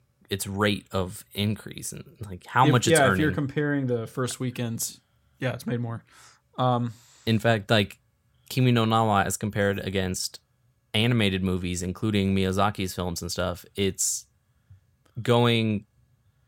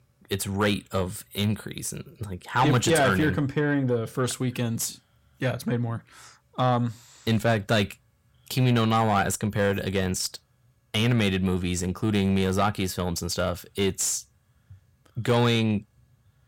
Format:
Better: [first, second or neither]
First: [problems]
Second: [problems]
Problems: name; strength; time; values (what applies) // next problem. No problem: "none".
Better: first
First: none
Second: distortion; slight; 10 dB below the speech